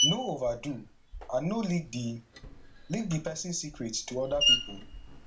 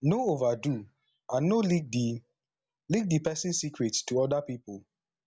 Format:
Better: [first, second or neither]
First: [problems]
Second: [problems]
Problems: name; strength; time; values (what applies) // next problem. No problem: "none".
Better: second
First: background sound (Screech); as loud as the speech // room echo; dies away in 0.3 s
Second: none